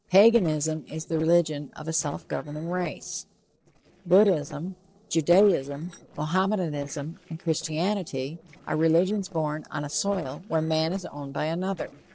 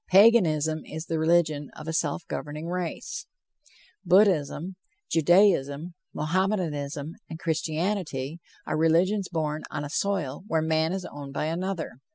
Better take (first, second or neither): second